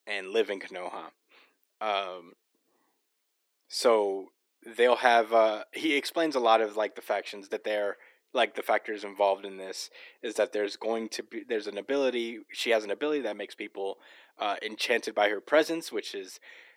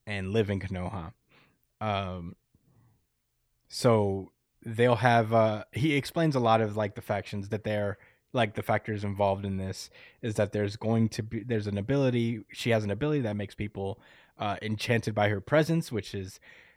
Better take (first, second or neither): second